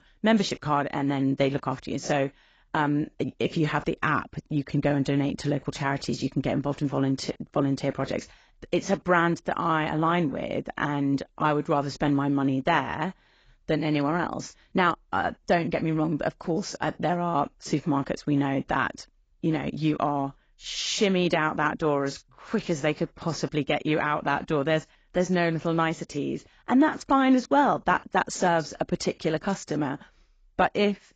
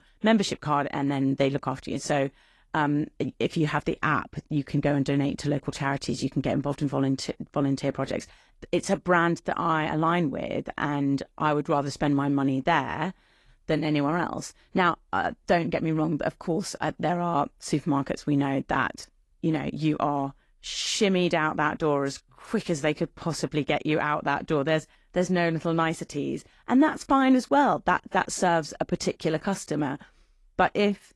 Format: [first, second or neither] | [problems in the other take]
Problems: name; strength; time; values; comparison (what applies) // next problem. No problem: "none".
second | garbled, watery; badly; nothing above 7.5 kHz; slightly in the second